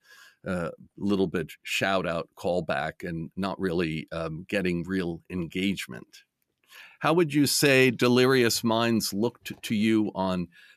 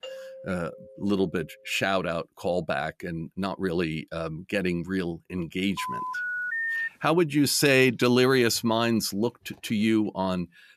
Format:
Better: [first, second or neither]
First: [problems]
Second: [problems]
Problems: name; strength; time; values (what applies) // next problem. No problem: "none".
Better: first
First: none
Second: doorbell; faint; until 1.5 s; peak 15 dB below the speech // phone ringing; noticeable; from 6 to 7 s; peak 1 dB below the speech